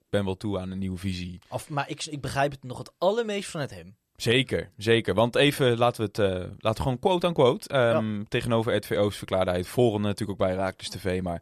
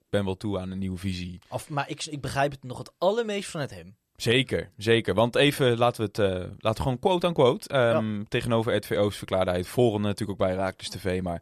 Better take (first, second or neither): neither